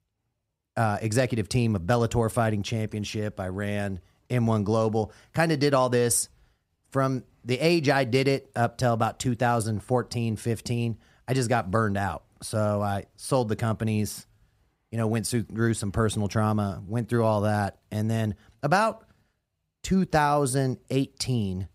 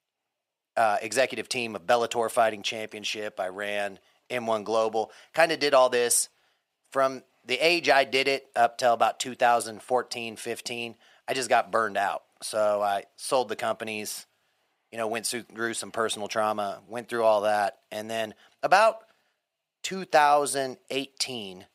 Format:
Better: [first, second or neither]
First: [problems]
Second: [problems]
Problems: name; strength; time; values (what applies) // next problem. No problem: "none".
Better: first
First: none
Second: thin; very; fading below 450 Hz